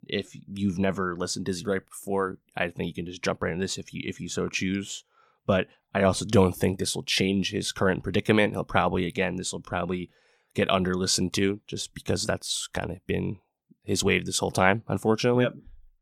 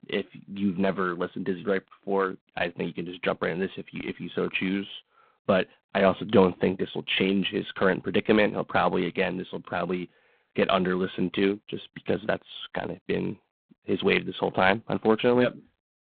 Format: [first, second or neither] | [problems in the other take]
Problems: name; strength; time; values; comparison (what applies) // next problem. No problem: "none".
first | phone-call audio; poor line